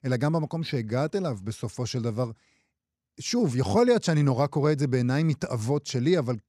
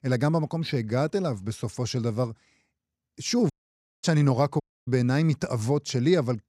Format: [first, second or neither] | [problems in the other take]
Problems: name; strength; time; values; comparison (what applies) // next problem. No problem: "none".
first | audio cutting out; at 3.5 s for 0.5 s and at 4.5 s